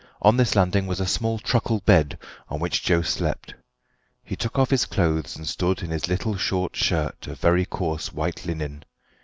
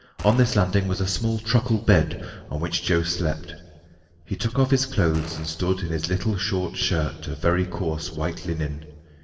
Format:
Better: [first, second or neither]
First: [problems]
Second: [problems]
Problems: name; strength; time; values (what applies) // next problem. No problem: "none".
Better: first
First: none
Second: noise reduction (neural separator model SepFormer DNS4)